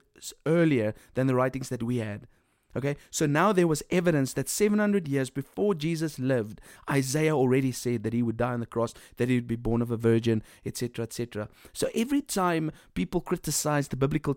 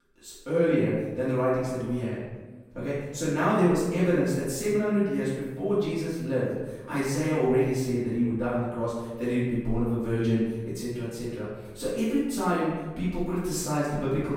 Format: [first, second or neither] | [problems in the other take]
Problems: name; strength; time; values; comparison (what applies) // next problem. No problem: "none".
first | room echo; strong; dies away in 1.1 s // off-mic speech; far